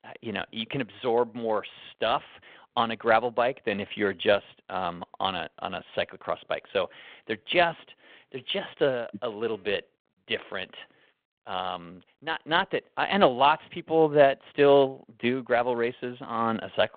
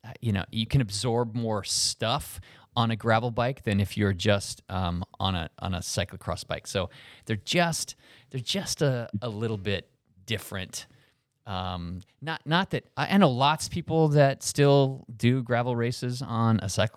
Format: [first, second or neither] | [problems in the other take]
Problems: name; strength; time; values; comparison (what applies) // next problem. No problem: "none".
second | phone-call audio